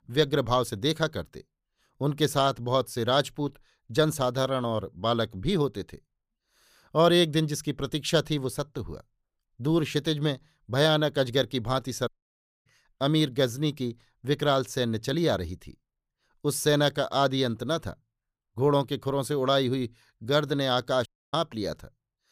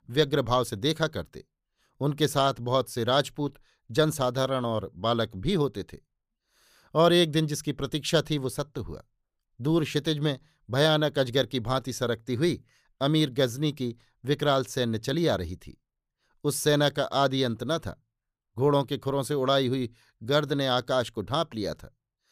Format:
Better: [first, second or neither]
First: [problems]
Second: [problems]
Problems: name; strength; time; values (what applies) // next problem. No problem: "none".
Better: second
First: audio cutting out; at 12 s for 0.5 s and at 21 s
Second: none